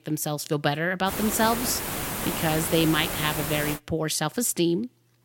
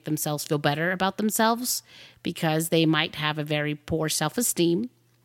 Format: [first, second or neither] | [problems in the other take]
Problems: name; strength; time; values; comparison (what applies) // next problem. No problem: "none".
second | hiss; loud; from 1 to 4 s; 4 dB below the speech